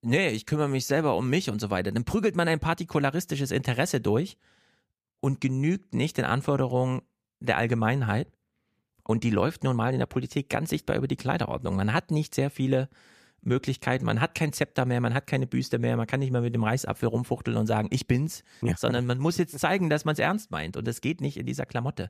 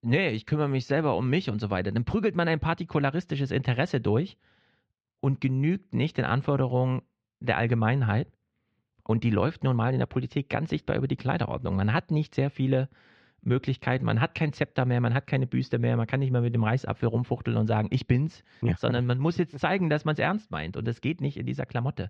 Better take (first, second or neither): first